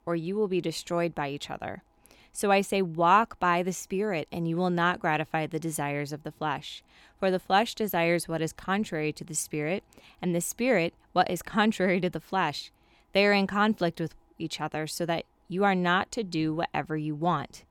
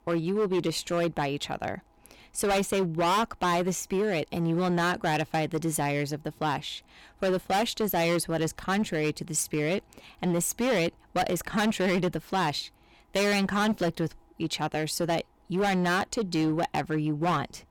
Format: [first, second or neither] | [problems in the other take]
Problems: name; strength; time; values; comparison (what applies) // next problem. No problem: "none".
first | distortion; heavy; 14% of the sound clipped